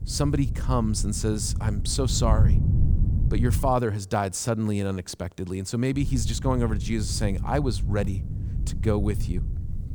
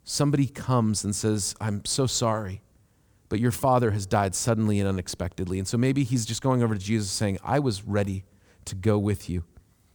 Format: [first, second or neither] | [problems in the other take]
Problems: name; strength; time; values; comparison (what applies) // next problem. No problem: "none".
second | wind noise on the microphone; occasional gusts; until 3.5 s and from 6 s on; 10 dB below the speech